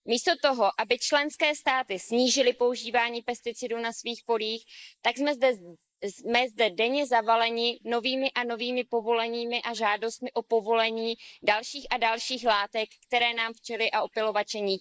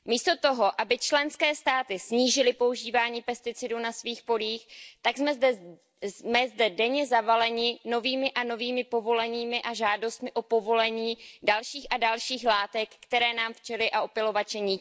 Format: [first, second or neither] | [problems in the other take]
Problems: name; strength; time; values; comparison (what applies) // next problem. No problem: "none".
second | noise reduction (neural mask model Resemble Enhance denoiser)